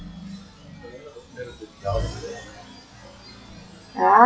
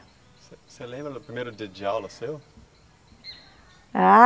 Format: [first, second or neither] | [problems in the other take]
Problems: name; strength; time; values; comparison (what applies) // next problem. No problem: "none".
second | noise reduction (classical method WPE with log-MMSE)